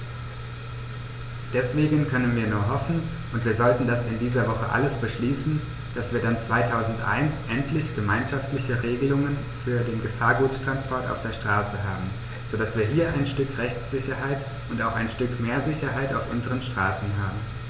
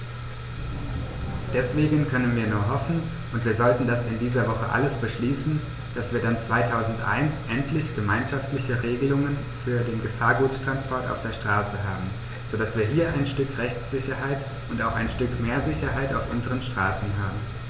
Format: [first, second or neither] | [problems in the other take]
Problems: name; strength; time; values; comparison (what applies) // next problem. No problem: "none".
first | background sound (Subway, metro, underground); 15 dB below the speech